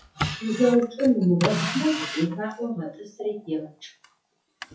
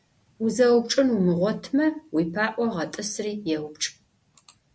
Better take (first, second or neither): second